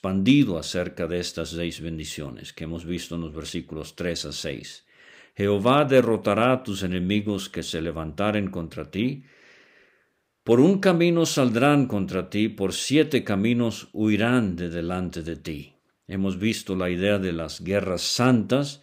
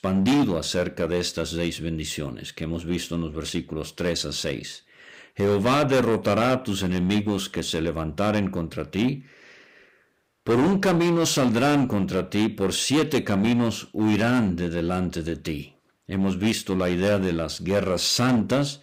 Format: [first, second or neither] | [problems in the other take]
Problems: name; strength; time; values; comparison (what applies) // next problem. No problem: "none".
first | distortion; heavy; 9% of the sound clipped